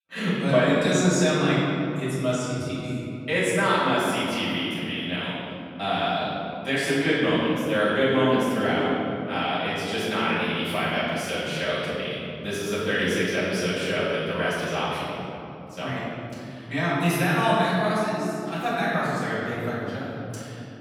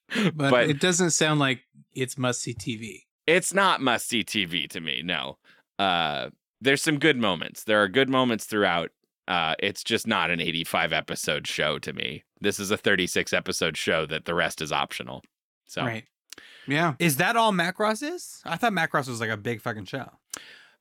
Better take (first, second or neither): second